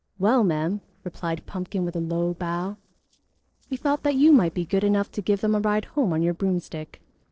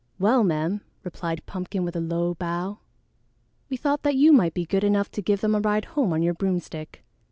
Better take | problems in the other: second | noise reduction (neural separator model SepFormer DNS4)

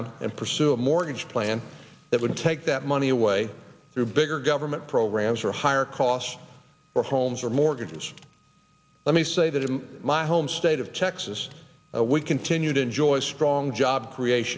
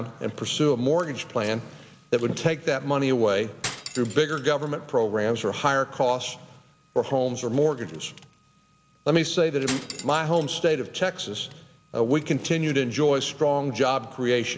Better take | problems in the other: first | background sound (Cutlery, silverware); 12 dB below the speech

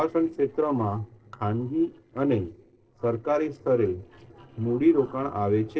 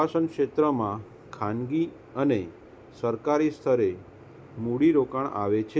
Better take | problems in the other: second | noise reduction (neural separator model SepFormer DNS4)

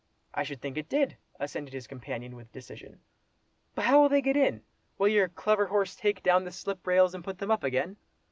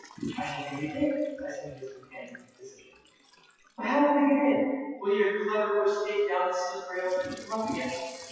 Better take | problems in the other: first | noise reduction (classical method WPE with log-MMSE)

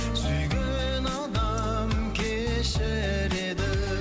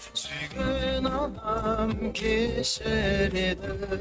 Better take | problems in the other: first | noise reduction (neural mask model RNNoise)

